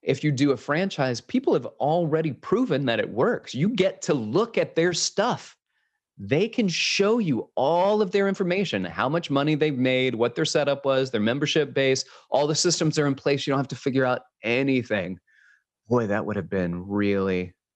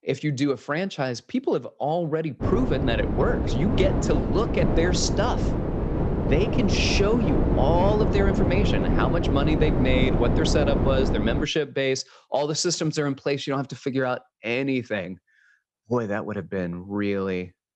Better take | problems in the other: first | wind noise on the microphone; heavy; from 2.5 to 11 s; 3 dB below the speech

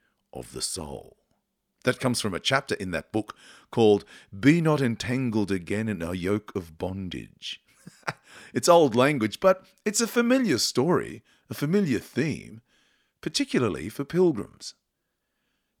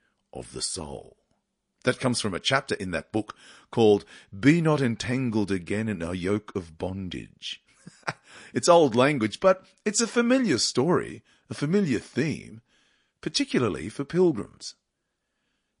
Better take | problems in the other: first | garbled, watery; slightly; nothing above 10.5 kHz

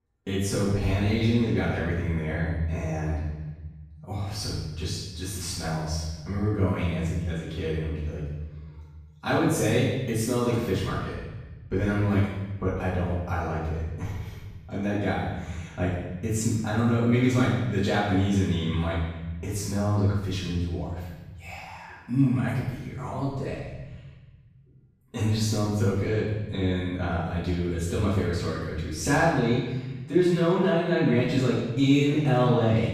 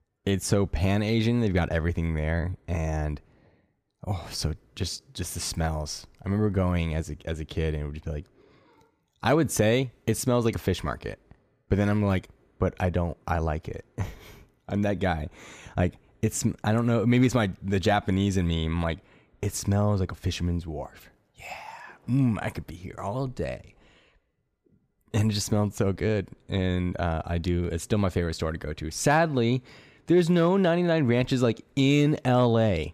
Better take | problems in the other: second | room echo; strong; dies away in 1.1 s // off-mic speech; far

